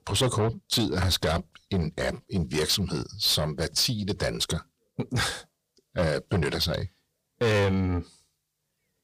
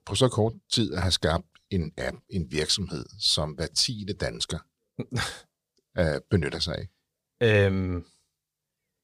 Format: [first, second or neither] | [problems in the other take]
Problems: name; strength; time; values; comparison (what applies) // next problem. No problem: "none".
second | distortion; heavy; 6 dB below the speech